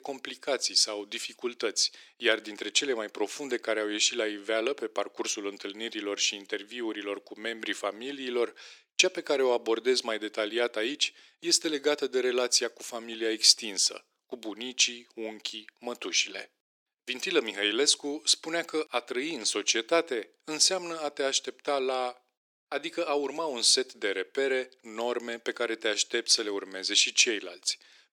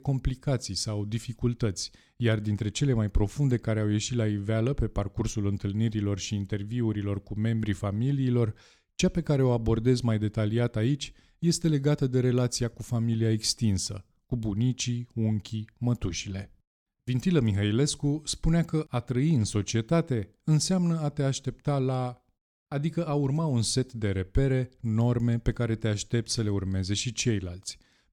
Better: second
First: thin; very; fading below 350 Hz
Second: none

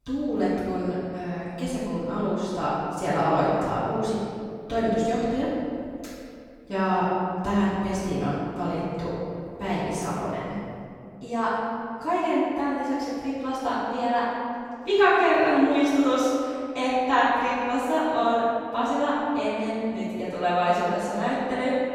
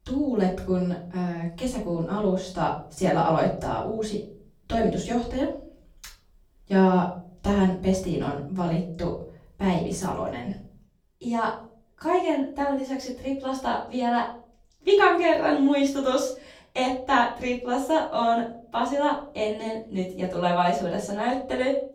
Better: second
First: room echo; strong; dies away in 2.2 s // off-mic speech; far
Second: room echo; slight; dies away in 0.5 s // off-mic speech; far

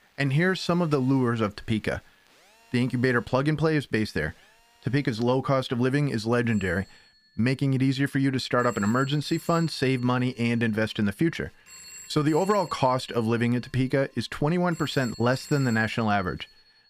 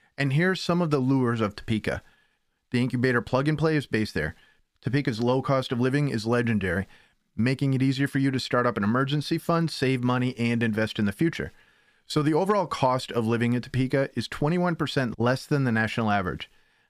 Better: second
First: alarms or sirens; faint; throughout; 20 dB below the speech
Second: none

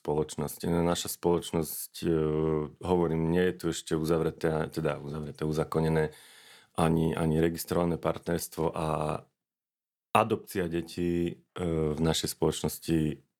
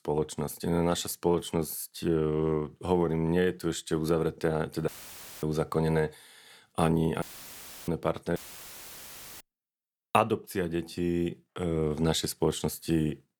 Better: first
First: none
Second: audio cutting out; filled with static; at 5 s for 0.5 s, at 7 s for 0.5 s and at 8.5 s for 1 s

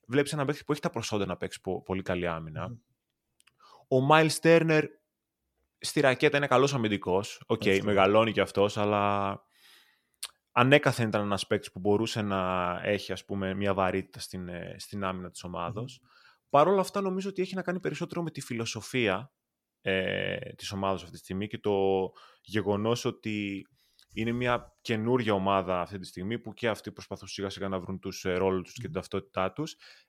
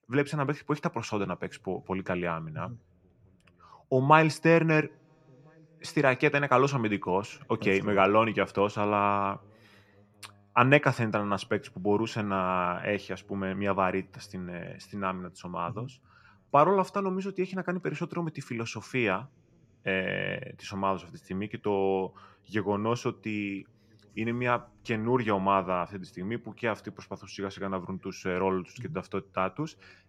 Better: first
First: none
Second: room echo; noticeable; dies away in 3 s

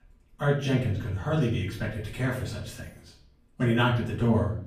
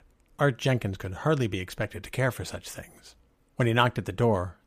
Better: second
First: off-mic speech; far // room echo; noticeable; dies away in 0.6 s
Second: none

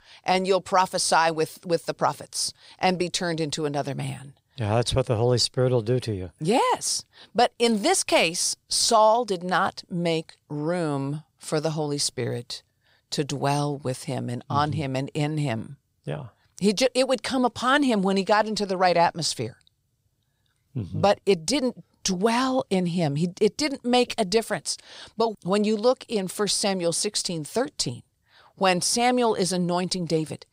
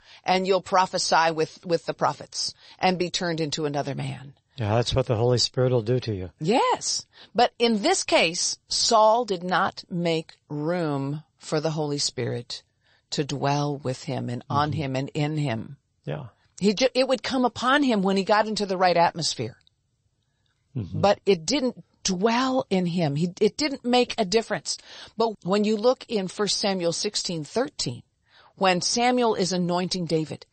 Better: first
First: none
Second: garbled, watery; slightly; nothing above 8 kHz

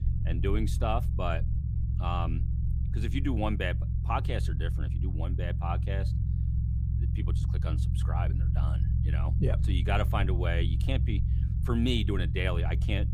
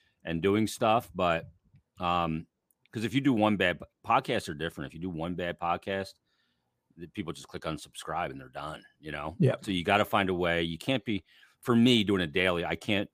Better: second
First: low rumble; loud; throughout; 9 dB below the speech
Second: none

